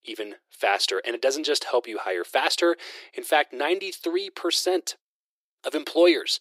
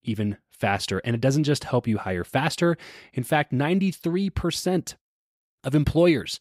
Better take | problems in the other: second | thin; very; fading below 350 Hz

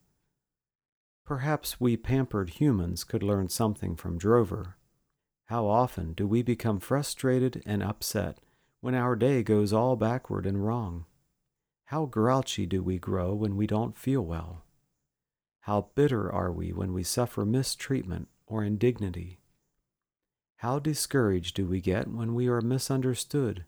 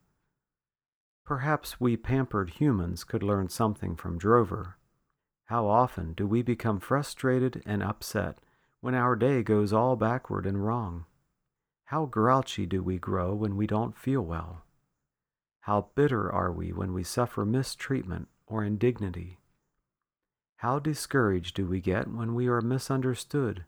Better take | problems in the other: first | muffled; very slightly; fading above 3.5 kHz

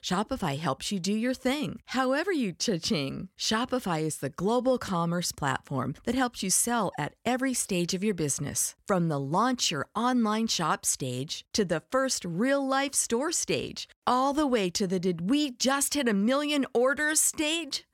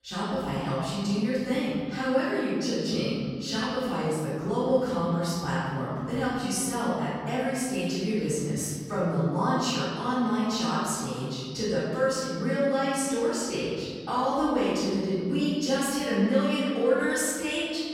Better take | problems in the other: first | off-mic speech; far // room echo; strong; dies away in 2 s

